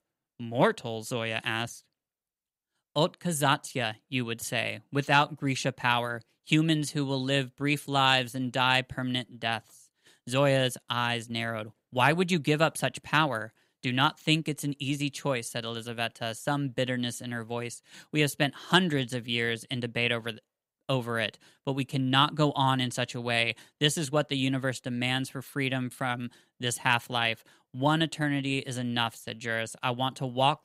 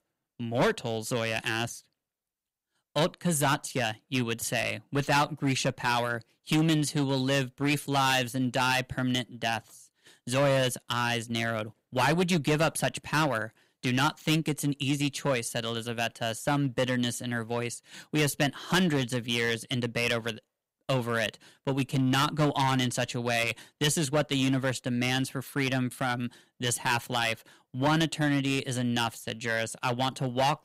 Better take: first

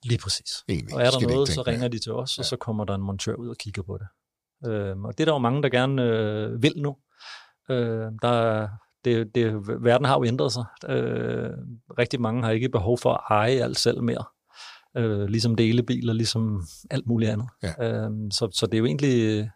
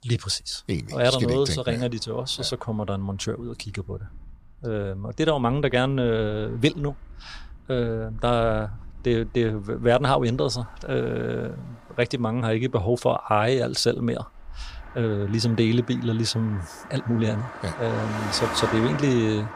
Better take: first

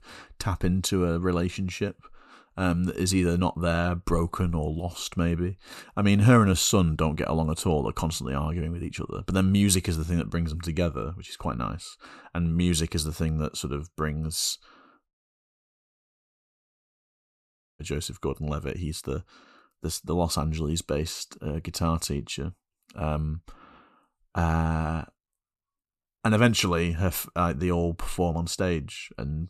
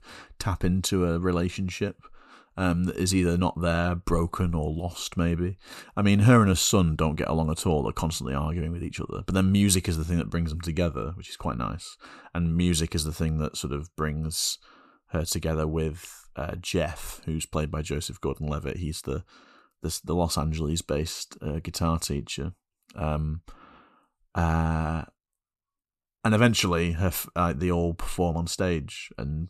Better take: second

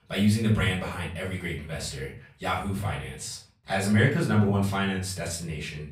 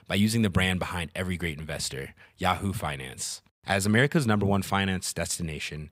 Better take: second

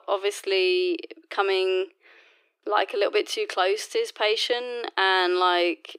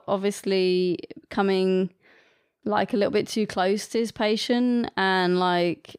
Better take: second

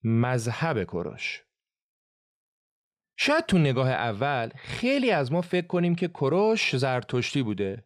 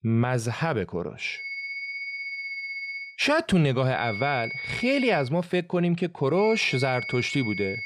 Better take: first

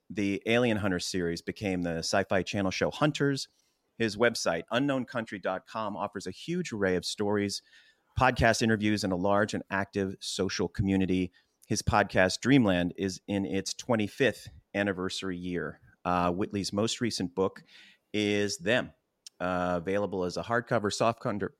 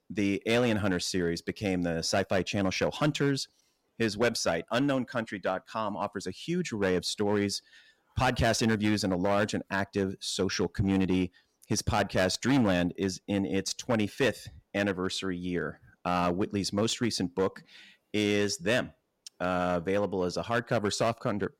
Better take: first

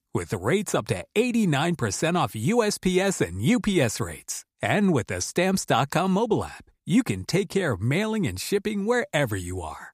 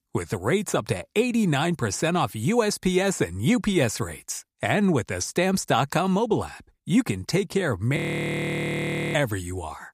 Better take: first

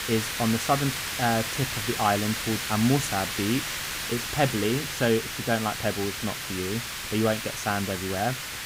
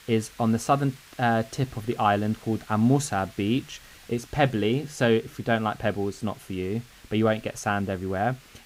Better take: second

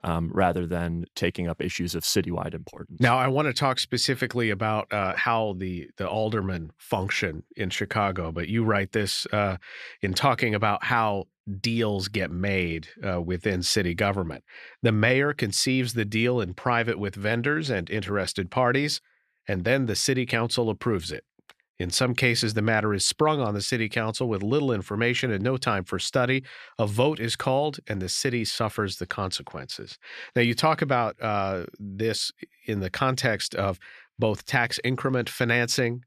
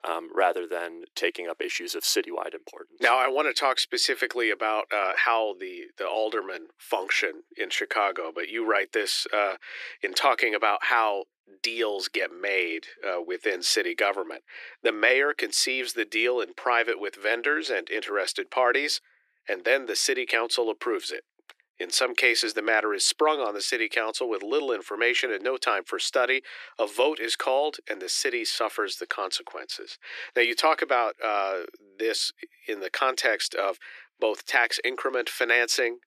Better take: first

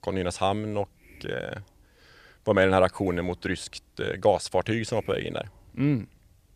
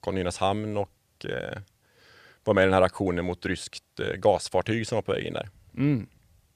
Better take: second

